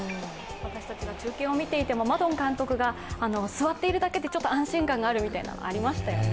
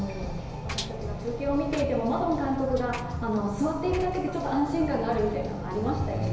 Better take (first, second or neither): first